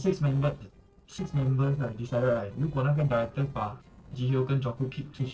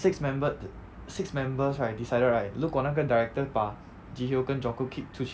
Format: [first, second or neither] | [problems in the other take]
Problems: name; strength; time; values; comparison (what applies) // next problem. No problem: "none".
second | noise reduction (neural separator model SepFormer DNS4)